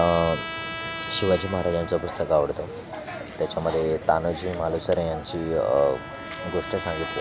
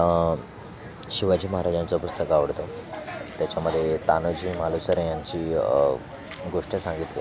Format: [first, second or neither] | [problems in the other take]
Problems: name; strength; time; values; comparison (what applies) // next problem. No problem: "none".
second | background sound (Trumpet); 12 dB below the speech